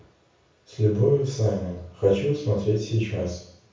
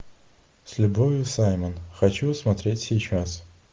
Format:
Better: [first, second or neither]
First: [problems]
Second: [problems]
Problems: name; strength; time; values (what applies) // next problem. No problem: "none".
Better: second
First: room echo; dies away in 0.6 s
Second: none